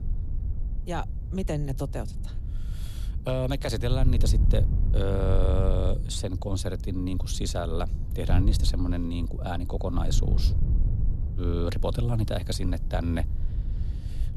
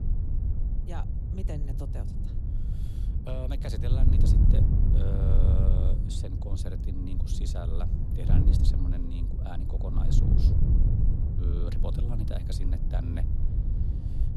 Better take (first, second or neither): first